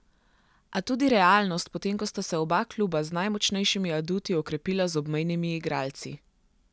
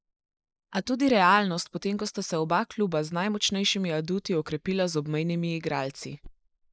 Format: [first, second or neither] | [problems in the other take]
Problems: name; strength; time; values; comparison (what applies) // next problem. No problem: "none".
first | noise reduction (neural mask model Resemble Enhance denoiser)